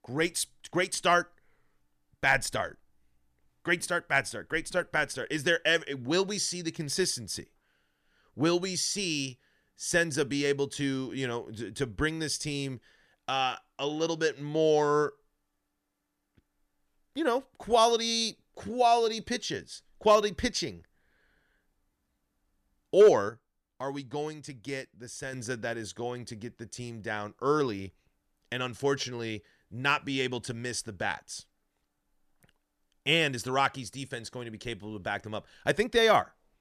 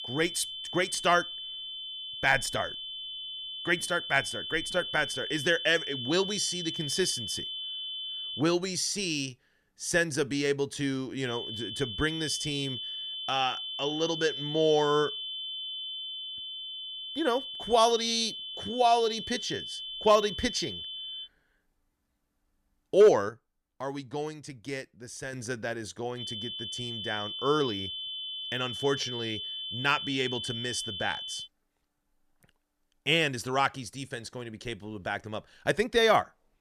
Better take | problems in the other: first | high-pitched whine; loud; until 8.5 s, from 11 to 21 s and from 26 to 31 s; 3 kHz, 6 dB below the speech

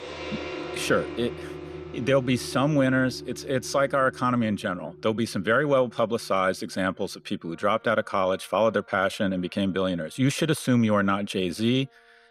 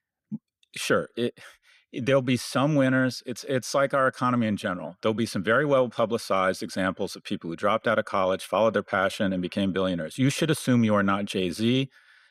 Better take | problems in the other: second | background music; noticeable; throughout; 15 dB below the speech

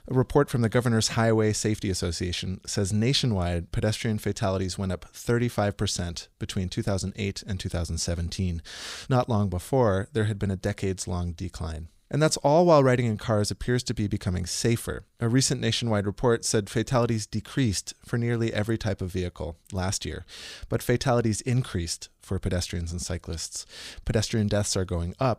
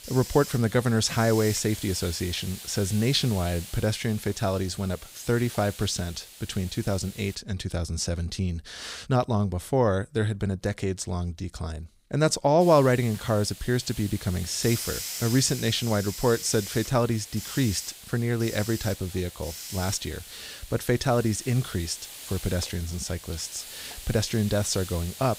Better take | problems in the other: first | hiss; noticeable; until 7.5 s and from 13 s on; 10 dB below the speech

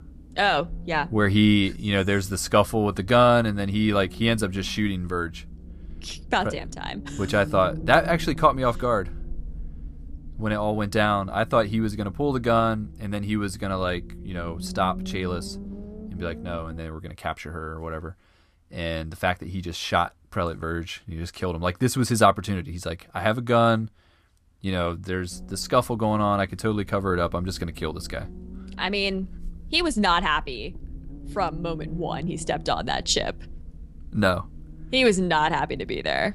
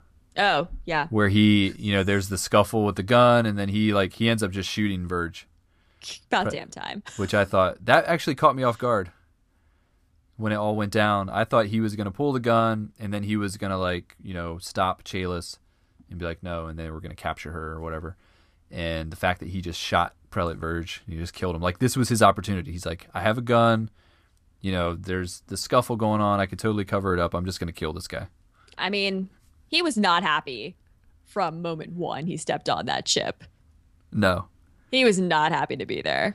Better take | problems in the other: second | low rumble; faint; until 17 s and from 25 s on; 25 dB below the speech

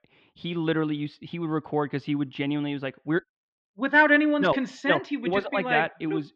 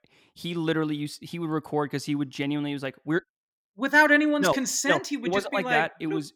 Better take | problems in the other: second | muffled; very; fading above 3.5 kHz

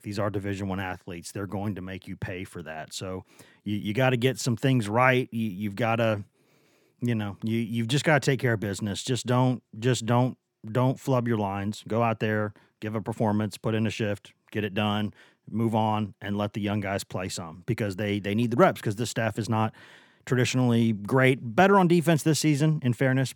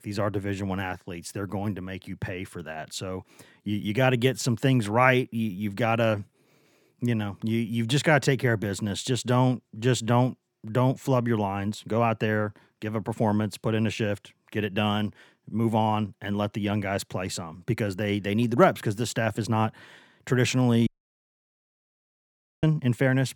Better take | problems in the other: first | audio cutting out; at 21 s for 2 s

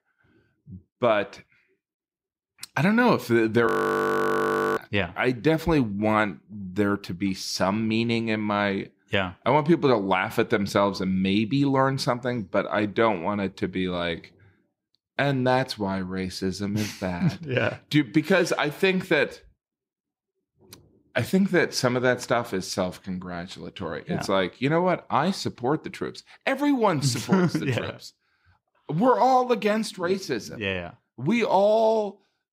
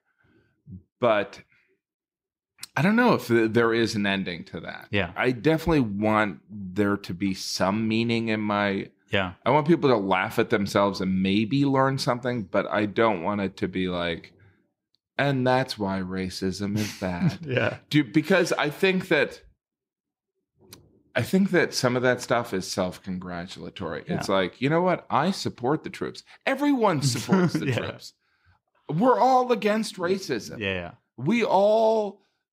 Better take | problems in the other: second | audio freezing; at 3.5 s for 1 s

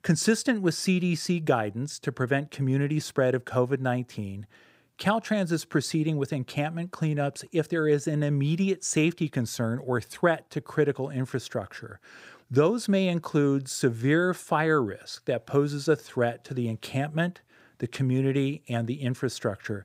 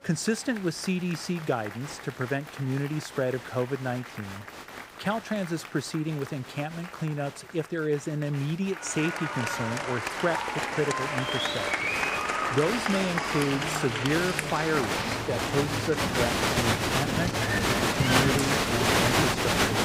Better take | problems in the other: first | crowd noise; very loud; throughout; 4 dB above the speech

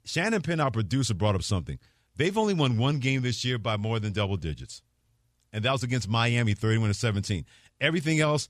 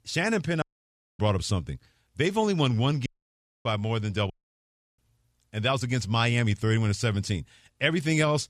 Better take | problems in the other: first | audio cutting out; at 0.5 s for 0.5 s, at 3 s for 0.5 s and at 4.5 s for 0.5 s

